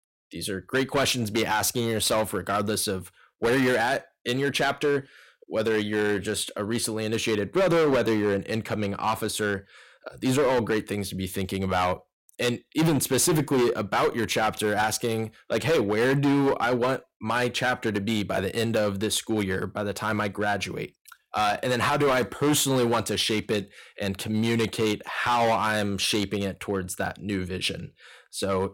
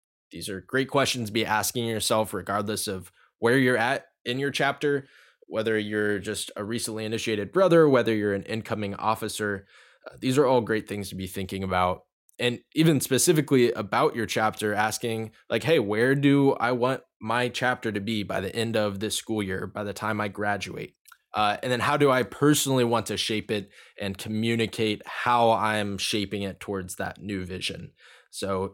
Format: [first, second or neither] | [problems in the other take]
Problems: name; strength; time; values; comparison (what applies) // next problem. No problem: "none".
second | distortion; heavy; 9% of the sound clipped